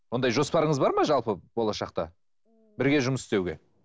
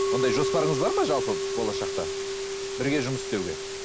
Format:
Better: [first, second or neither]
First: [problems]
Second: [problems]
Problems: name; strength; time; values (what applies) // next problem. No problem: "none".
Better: first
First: none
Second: background sound (Musical instrument); 1 dB above the speech